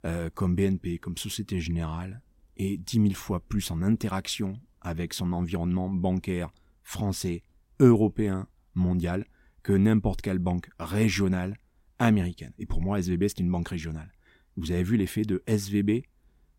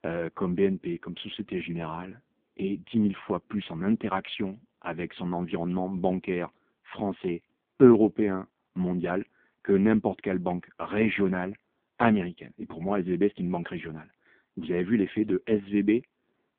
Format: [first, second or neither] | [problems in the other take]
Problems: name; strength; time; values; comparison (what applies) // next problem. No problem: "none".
first | phone-call audio; poor line; nothing above 3.5 kHz